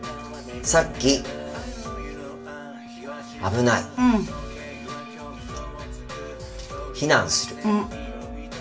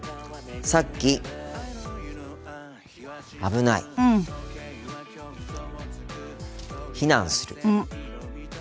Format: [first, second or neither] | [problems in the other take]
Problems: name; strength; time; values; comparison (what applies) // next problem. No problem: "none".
second | background sound (Wind instrument, woodwind instrument); 16 dB below the speech // room echo; dies away in 0.2 s